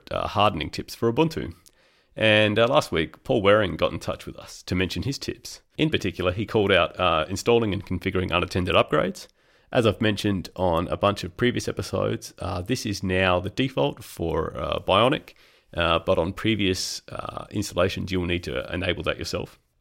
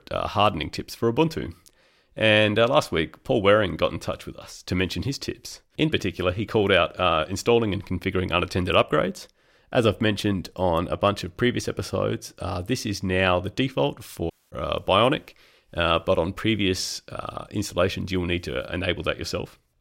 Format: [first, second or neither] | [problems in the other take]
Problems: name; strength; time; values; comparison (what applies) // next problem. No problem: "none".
first | audio cutting out; at 14 s